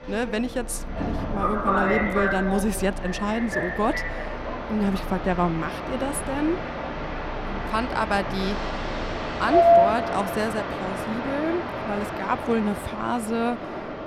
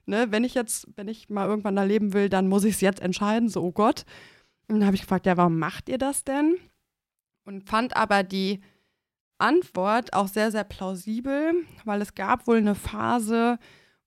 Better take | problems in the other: second | train or aircraft noise; very loud; throughout; as loud as the speech

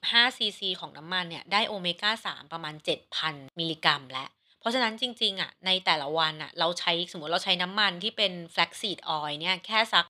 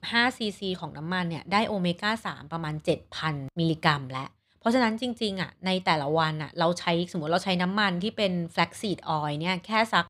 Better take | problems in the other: second | thin; somewhat; fading below 1 kHz

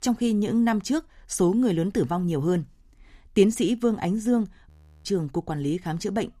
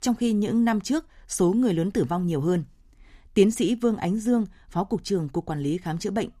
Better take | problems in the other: second | audio freezing; at 4.5 s

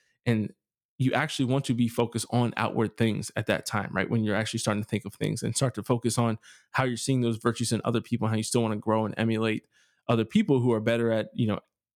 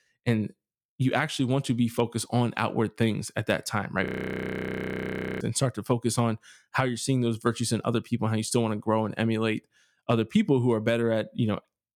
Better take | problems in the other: first | audio freezing; at 4 s for 1.5 s

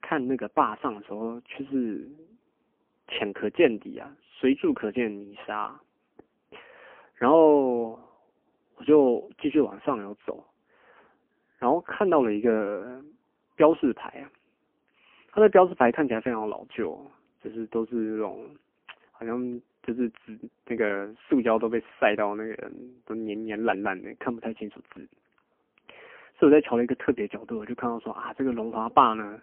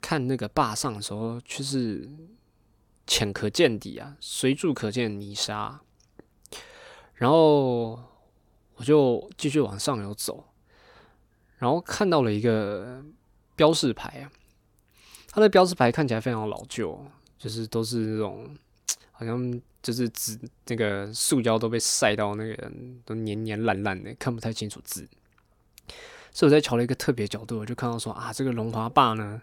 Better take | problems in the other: second | phone-call audio; poor line; nothing above 3 kHz

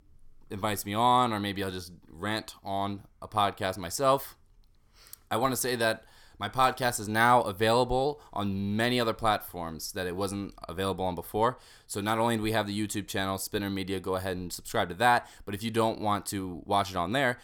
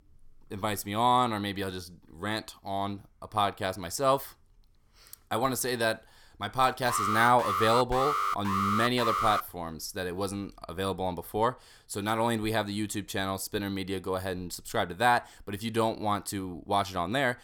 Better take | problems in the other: first | alarm; loud; from 7 to 9.5 s; peak 1 dB above the speech

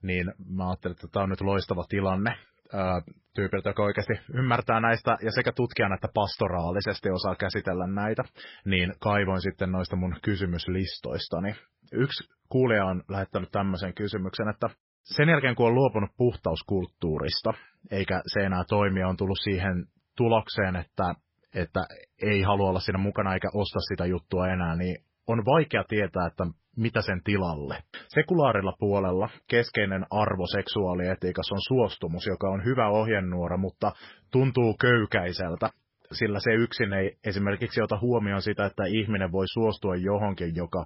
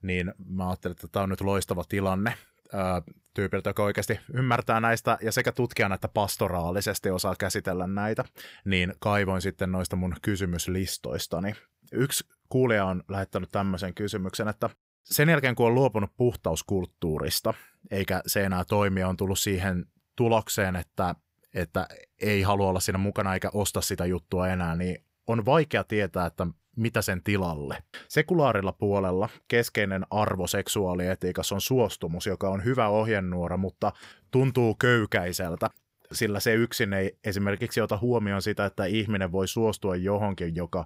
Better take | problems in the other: second | garbled, watery; badly; nothing above 5.5 kHz

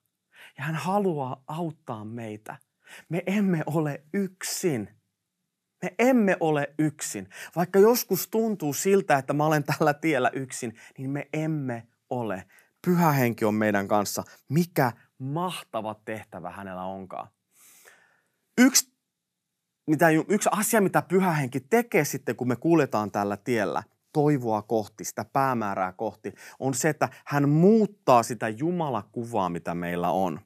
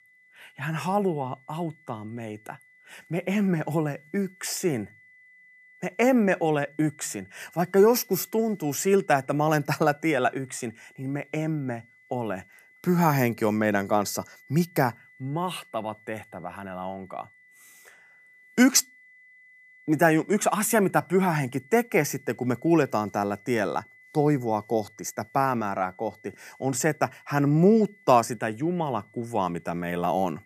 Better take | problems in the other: first | high-pitched whine; faint; throughout; 2 kHz, 30 dB below the speech

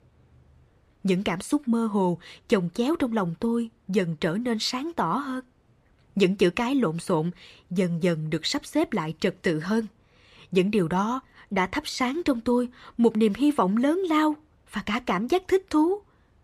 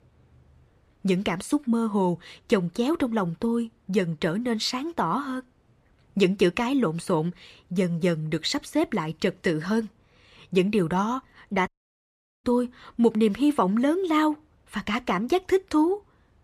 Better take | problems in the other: first | audio cutting out; at 12 s for 1 s

